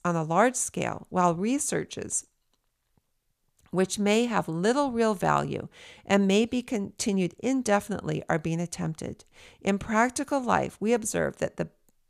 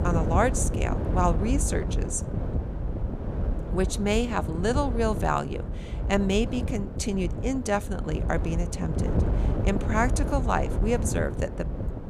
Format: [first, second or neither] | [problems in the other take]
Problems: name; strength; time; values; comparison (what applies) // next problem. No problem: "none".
first | wind noise on the microphone; heavy; 9 dB below the speech